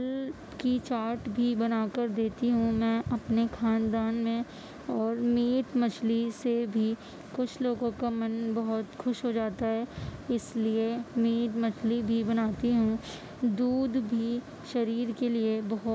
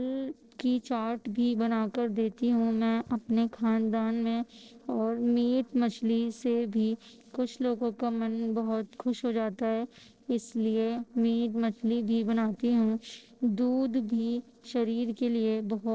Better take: first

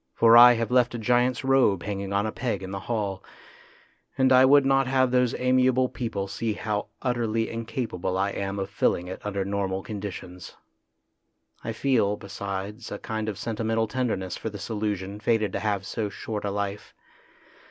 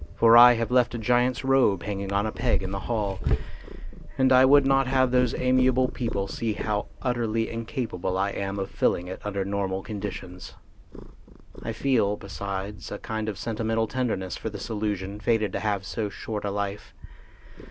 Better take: first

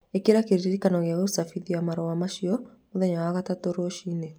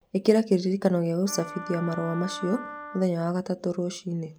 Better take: first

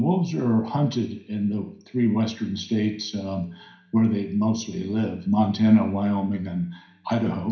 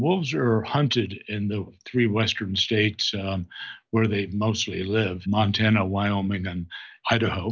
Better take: second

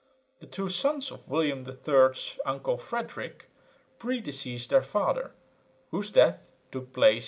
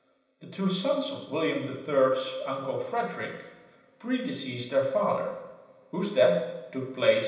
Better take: first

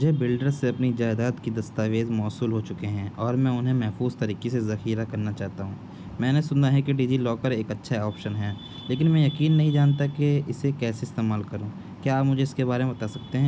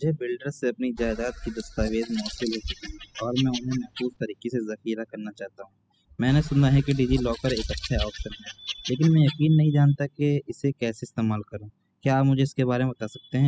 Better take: first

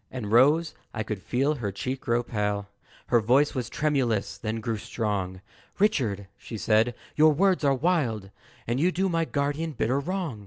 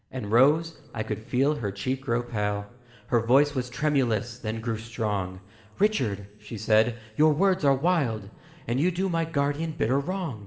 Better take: first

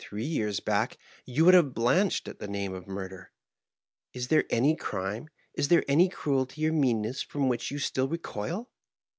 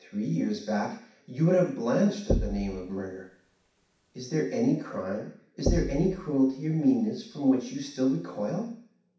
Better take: first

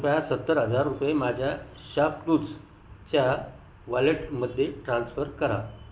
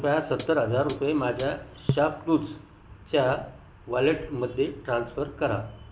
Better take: first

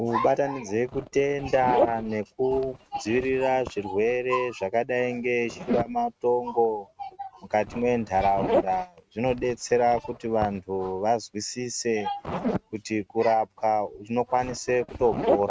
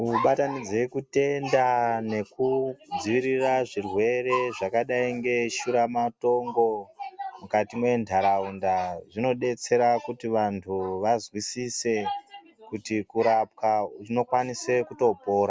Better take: second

